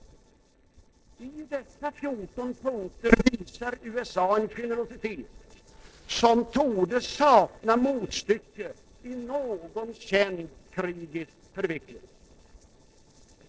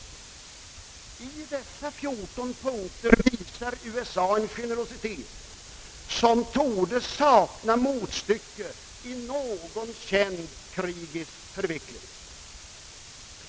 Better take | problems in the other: second | noise reduction (neural separator model SepFormer DNS4)

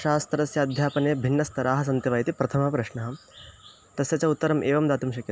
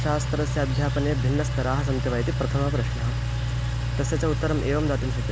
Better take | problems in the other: first | background sound (Engine); 2 dB above the speech

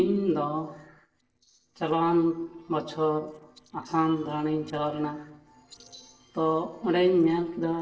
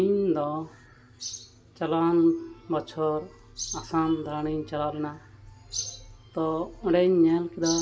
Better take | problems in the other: second | noise reduction (neural separator model SepFormer DNS4)

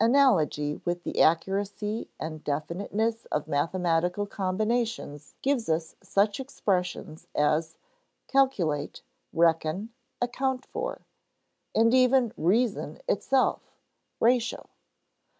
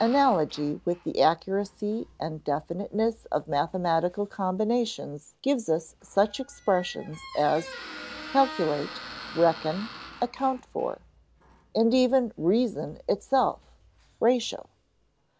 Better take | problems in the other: first | background sound (Squeak); 18 dB below the speech

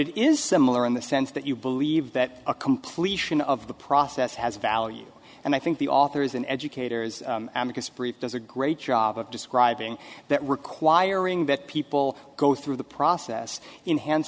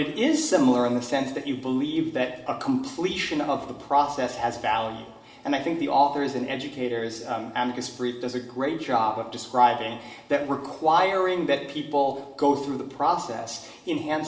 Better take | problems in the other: first | room echo; dies away in 0.8 s

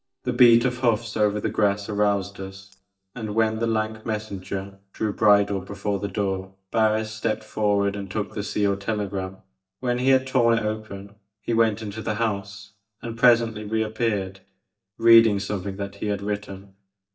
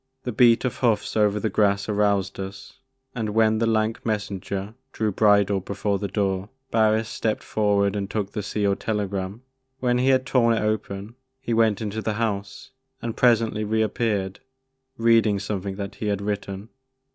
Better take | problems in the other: second | noise reduction (neural mask model DeepFilterNet 3)

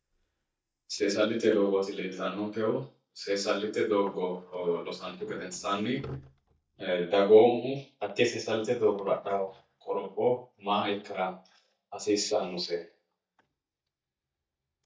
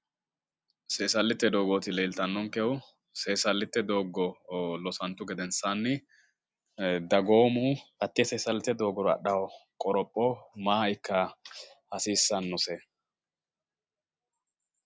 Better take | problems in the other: second | noise reduction (neural mask model DeepFilterNet 3)

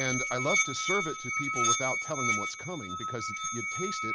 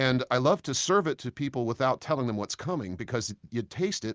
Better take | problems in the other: second | background sound (Musical instrument); 4 dB above the speech

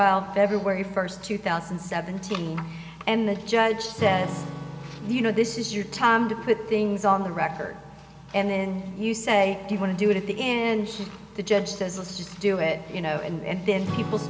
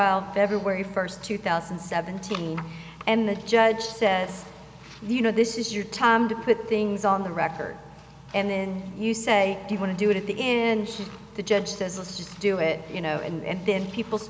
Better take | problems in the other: second | background sound (Acoustic guitar / Strum); 15 dB below the speech // room echo; dies away in 0.7 s

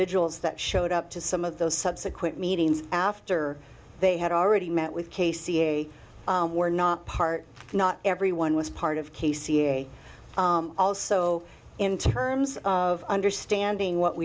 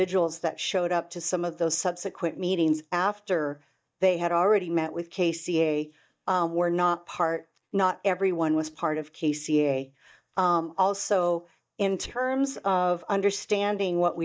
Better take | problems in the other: first | noise reduction (neural mask model DeepFilterNet 3)

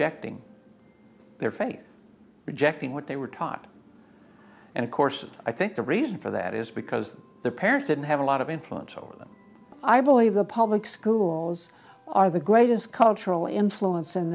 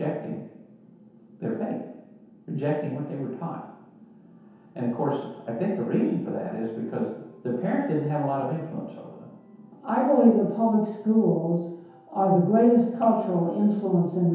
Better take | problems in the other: first | room echo; dies away in 0.9 s

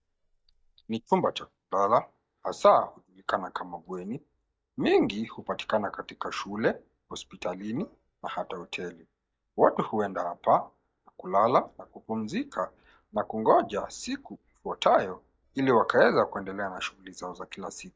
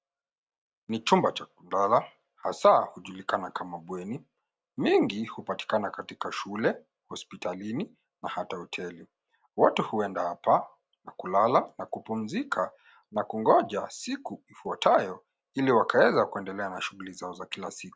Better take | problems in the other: second | noise reduction (neural mask model DeepFilterNet 3)

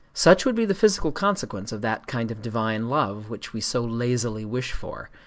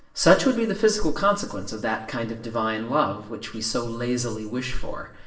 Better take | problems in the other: first | room echo; dies away in 0.7 s

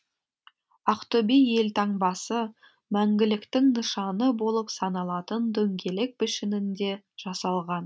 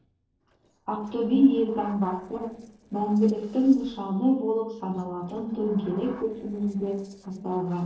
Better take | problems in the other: first | noise reduction (neural separator model SepFormer DNS4)

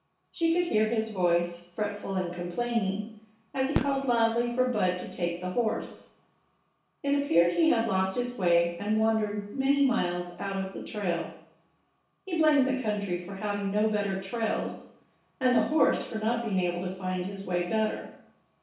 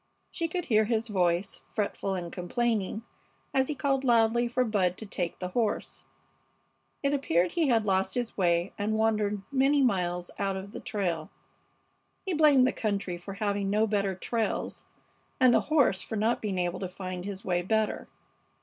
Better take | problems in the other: second | background sound (Fireworks); 10 dB below the speech // room echo; dies away in 0.6 s

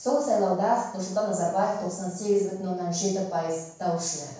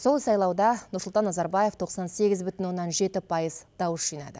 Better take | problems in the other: second | room echo; dies away in 0.7 s

